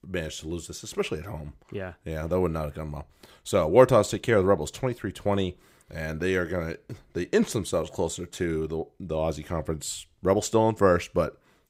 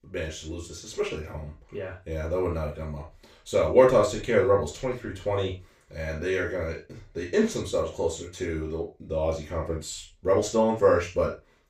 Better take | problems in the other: first | room echo; noticeable; dies away in 0.2 s // off-mic speech; far

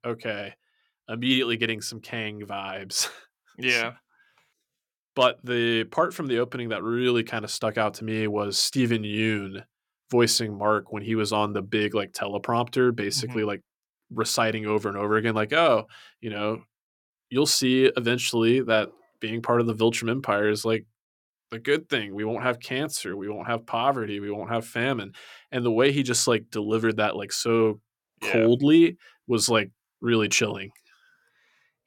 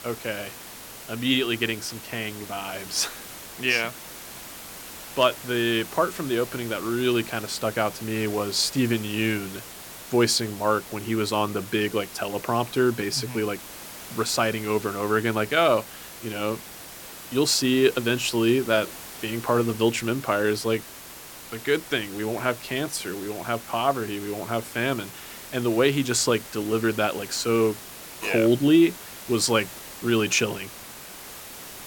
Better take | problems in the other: first | hiss; noticeable; throughout; 15 dB below the speech

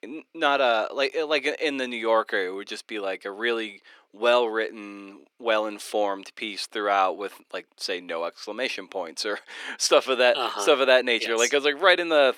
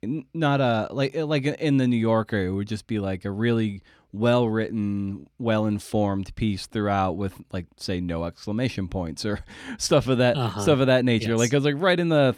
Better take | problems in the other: second | thin; very; fading below 400 Hz

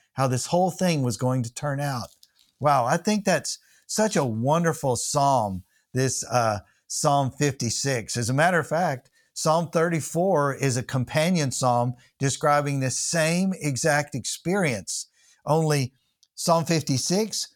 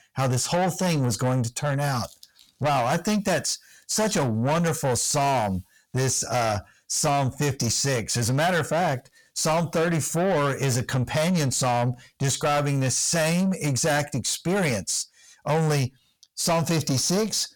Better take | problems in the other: first | distortion; heavy; 8 dB below the speech

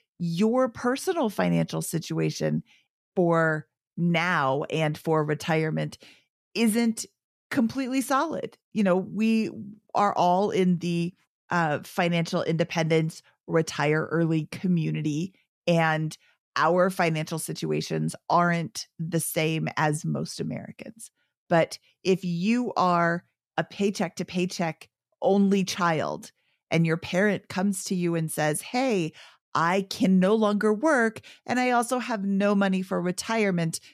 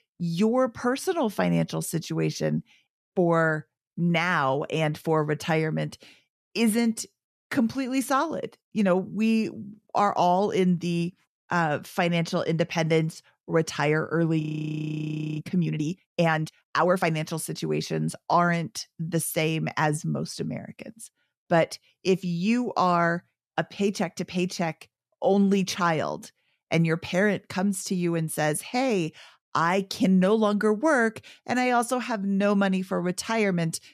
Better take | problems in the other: first | audio freezing; at 14 s for 1 s

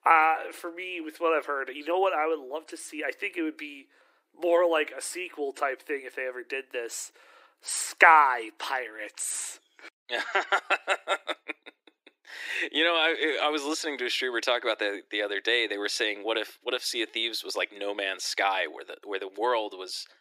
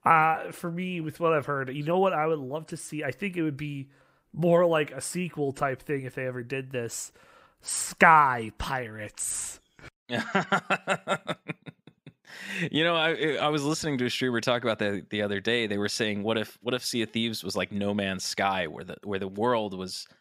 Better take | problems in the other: second | thin; very; fading below 300 Hz

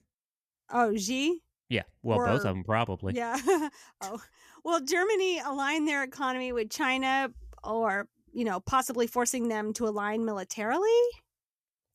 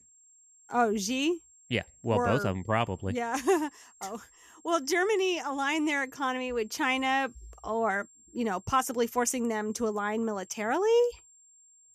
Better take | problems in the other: first | high-pitched whine; faint; throughout; 7.5 kHz, 25 dB below the speech

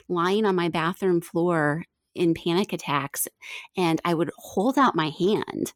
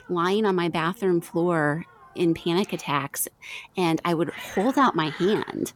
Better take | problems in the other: first | hiss; noticeable; throughout; 20 dB below the speech

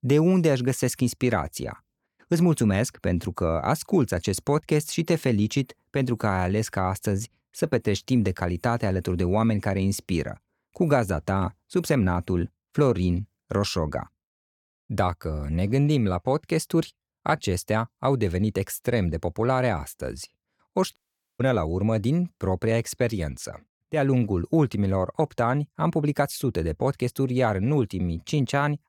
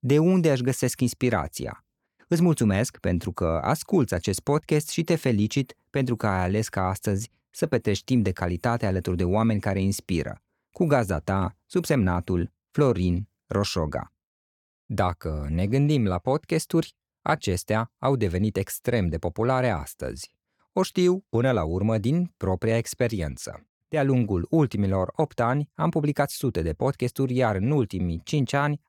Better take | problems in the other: second | audio cutting out; at 21 s

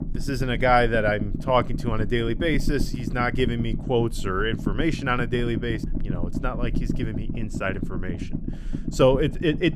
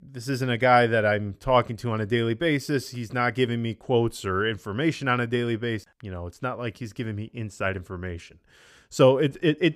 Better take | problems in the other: second | low rumble; noticeable; throughout; 15 dB below the speech

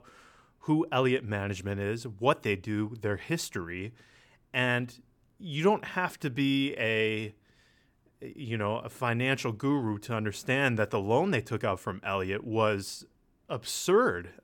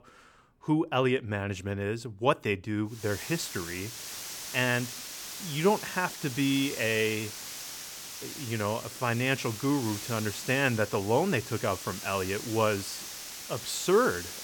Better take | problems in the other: first | hiss; loud; from 3 s on; 9 dB below the speech

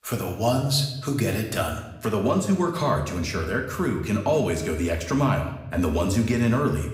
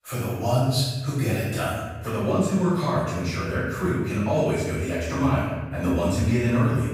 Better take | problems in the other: first | room echo; strong; dies away in 1.3 s; slight in the first // off-mic speech; far

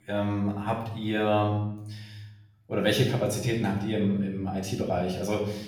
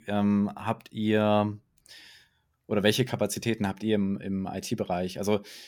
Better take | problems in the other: second | off-mic speech; far // room echo; noticeable; dies away in 0.9 s

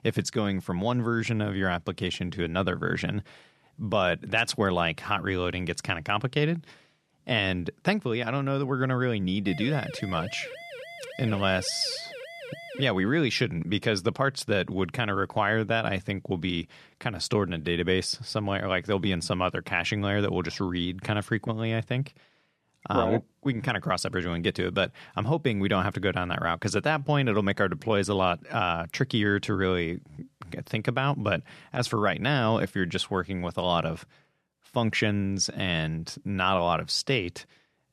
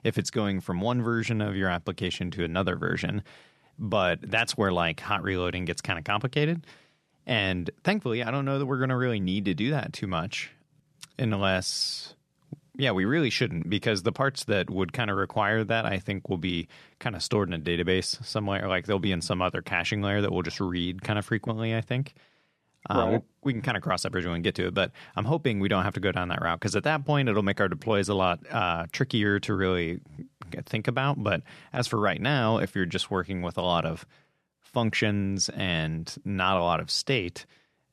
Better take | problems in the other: second | siren; faint; from 9.5 to 13 s; peak 15 dB below the speech

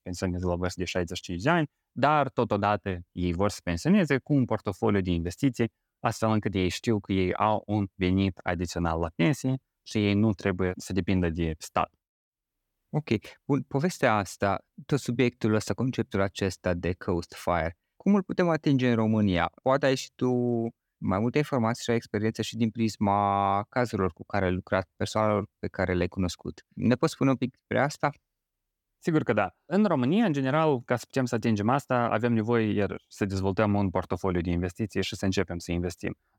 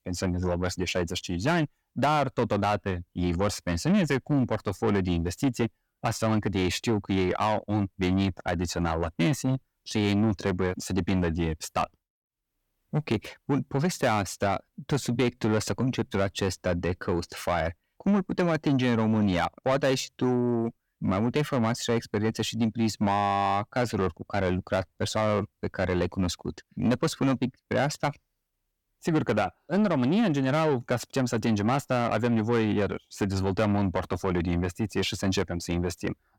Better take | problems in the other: first | distortion; slight; 10 dB below the speech

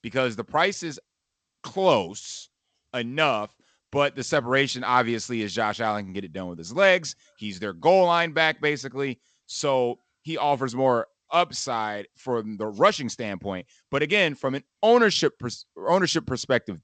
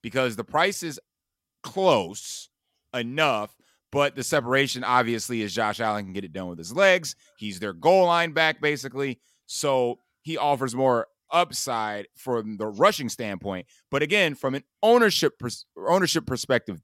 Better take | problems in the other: second | garbled, watery; slightly; nothing above 7.5 kHz

